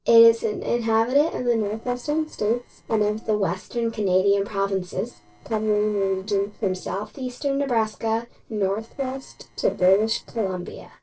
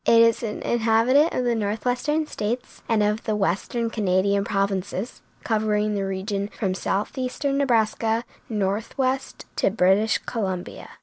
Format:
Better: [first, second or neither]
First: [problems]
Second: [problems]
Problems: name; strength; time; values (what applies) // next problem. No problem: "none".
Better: second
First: noise reduction (neural separator model SepFormer DNS4)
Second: none